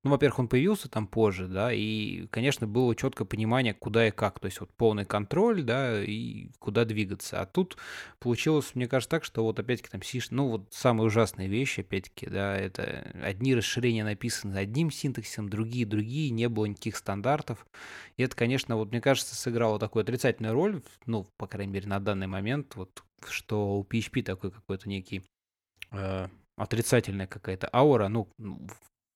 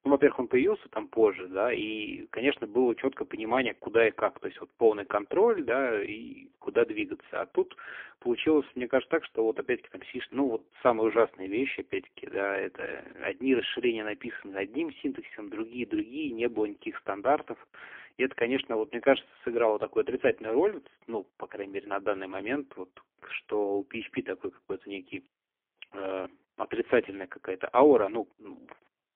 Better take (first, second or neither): first